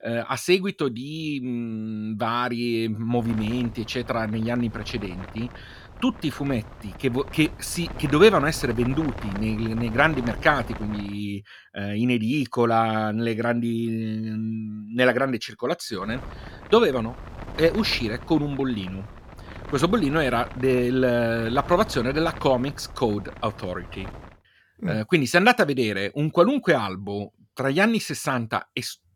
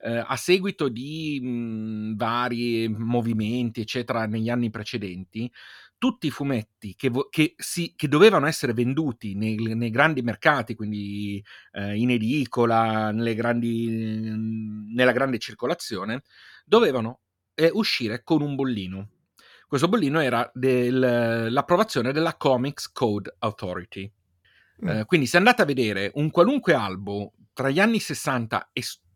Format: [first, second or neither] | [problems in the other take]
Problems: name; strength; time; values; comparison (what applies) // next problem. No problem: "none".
second | wind noise on the microphone; occasional gusts; from 3 to 11 s and from 16 to 24 s; 15 dB below the speech